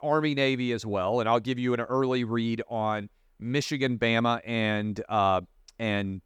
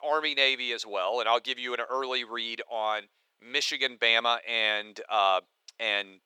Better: first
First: none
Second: thin; very; fading below 500 Hz

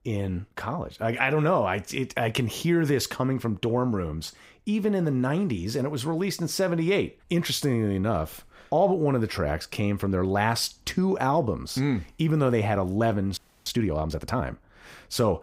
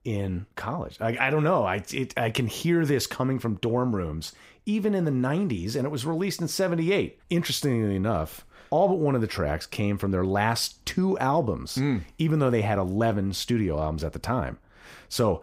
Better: second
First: audio freezing; at 13 s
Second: none

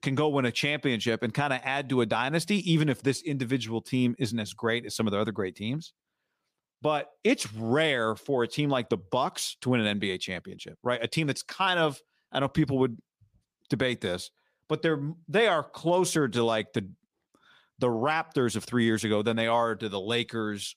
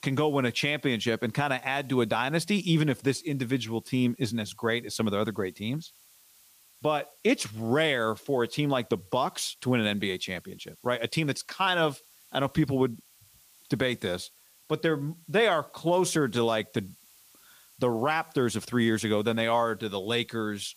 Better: first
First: none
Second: hiss; faint; throughout; 25 dB below the speech

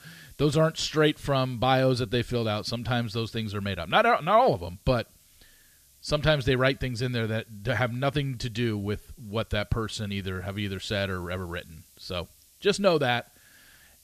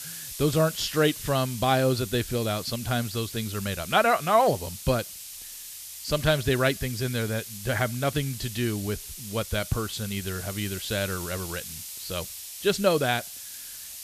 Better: first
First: hiss; faint; throughout; 30 dB below the speech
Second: hiss; loud; throughout; 10 dB below the speech

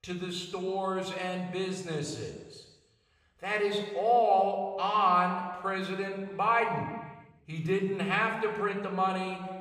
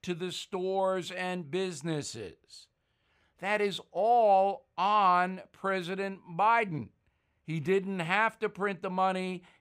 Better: second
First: room echo; noticeable; dies away in 1.2 s // off-mic speech; somewhat distant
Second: none

